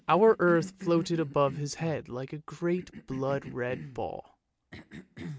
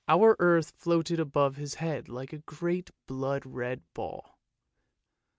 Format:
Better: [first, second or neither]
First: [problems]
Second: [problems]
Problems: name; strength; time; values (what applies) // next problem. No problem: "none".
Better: second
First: background sound (Cough); 15 dB below the speech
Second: none